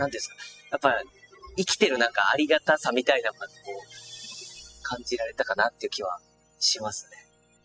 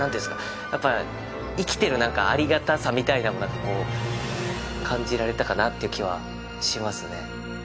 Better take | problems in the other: second | noise reduction (classical method spectral subtraction)

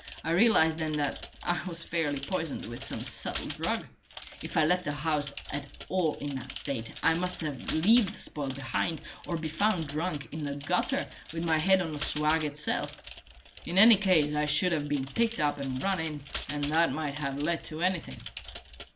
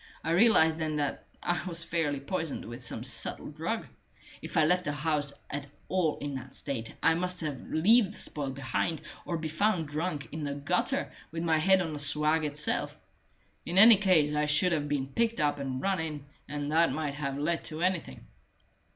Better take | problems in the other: second | background sound (Computer keyboard); 14 dB below the speech

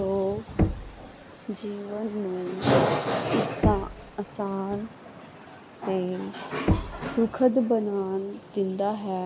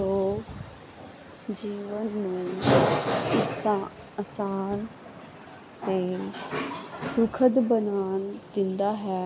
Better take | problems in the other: second | background sound (Knock); 5 dB below the speech

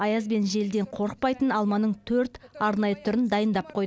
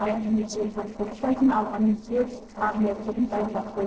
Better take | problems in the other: first | noise reduction (neural separator model SepFormer DNS4)

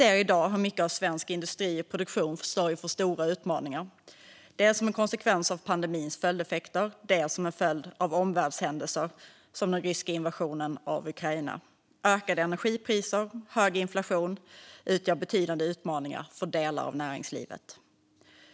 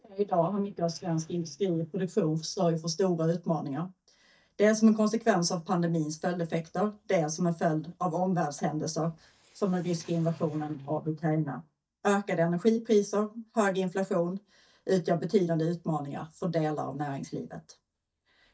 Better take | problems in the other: first | noise reduction (neural mask model DeepFilterNet 3)

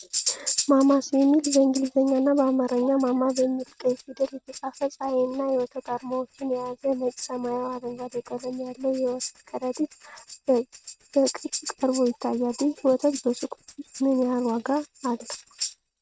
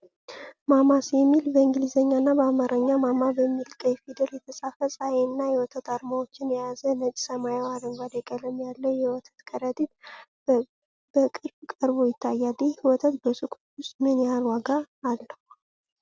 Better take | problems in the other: second | noise reduction (neural mask model RNNoise)

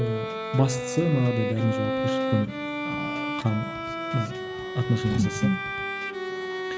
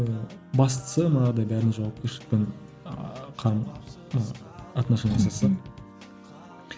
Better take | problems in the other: second | background sound (Bowed string instrument); 3 dB below the speech

